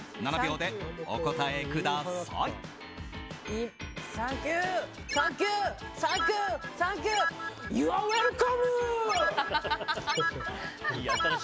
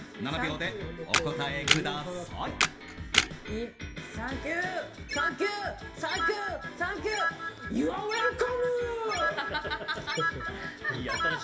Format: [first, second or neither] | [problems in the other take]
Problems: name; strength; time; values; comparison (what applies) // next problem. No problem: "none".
first | background sound (Camera); as loud as the speech // room echo; dies away in 0.7 s